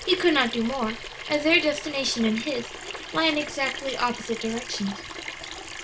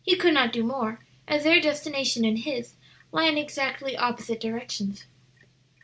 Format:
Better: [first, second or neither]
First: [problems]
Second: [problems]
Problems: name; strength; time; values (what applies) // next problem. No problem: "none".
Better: second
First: background sound (Sink (filling or washing) / Water tap, faucet); 10 dB below the speech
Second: none